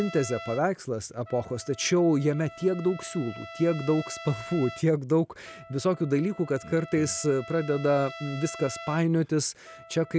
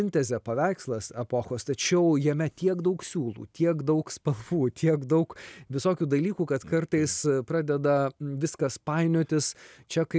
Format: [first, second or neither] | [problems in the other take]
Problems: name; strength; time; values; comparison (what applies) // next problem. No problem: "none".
second | background sound (Trumpet); 17 dB below the speech